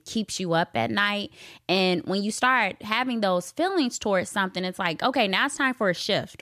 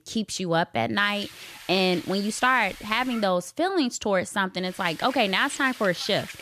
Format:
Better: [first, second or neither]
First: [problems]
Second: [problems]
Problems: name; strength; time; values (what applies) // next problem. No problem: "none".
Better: first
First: none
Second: hiss; noticeable; from 1 to 3 s and from 4.5 s on; 15 dB below the speech